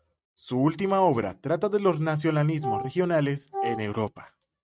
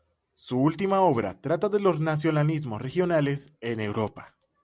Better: second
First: noise reduction (neural mask model RNNoise)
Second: none

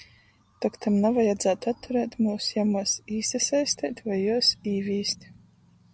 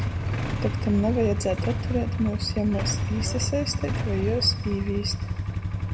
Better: first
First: none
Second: background sound (Idling / Engine starting / Motorcycle / Accelerating, revving, vroom); 1 dB above the speech // room echo; dies away in 1.2 s

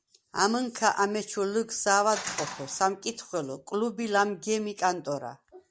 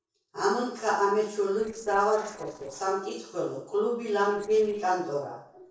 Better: first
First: none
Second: noise reduction (neural separator model SepFormer DNS4)

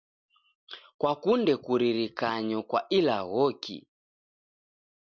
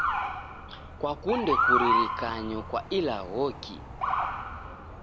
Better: first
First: none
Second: background sound (Motor vehicle (road) / Siren); 3 dB above the speech

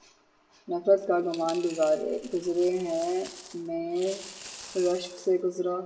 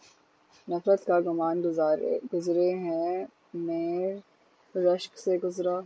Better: second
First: background sound (Coin (dropping)); 18 dB below the speech // room echo; dies away in 0.6 s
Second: none

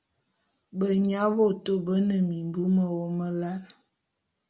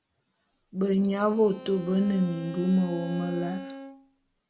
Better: first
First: none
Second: background sound (Bowed string instrument); 13 dB below the speech

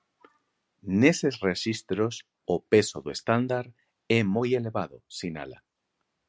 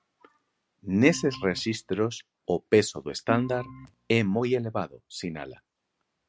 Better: first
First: none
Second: background sound (Organ); 11 dB below the speech

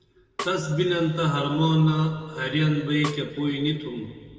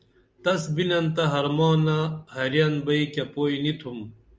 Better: second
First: background sound (Snare drum); 16 dB below the speech // room echo; dies away in 1.7 s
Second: none

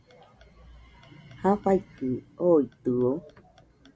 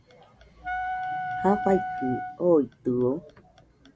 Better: first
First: none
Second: background sound (Wind instrument, woodwind instrument); 5 dB below the speech

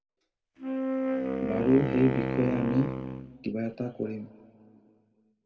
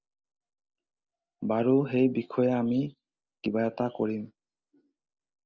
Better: second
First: background sound (Wind instrument, woodwind instrument); 1 dB below the speech // room echo; dies away in 1.6 s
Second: none

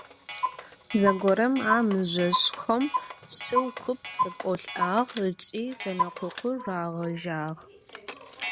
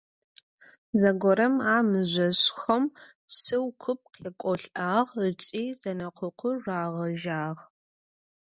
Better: second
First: background sound (Clock); 5 dB below the speech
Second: none

